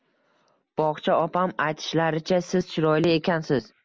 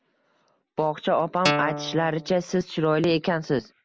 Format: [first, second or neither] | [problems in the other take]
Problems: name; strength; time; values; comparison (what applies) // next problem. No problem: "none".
first | background sound (Guitar); 2 dB below the speech